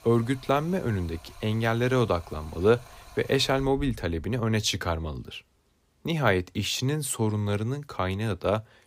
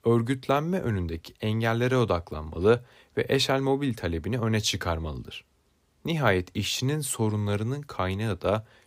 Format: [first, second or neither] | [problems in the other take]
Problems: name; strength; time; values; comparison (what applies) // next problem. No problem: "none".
second | rain or running water; faint; until 4 s; 20 dB below the speech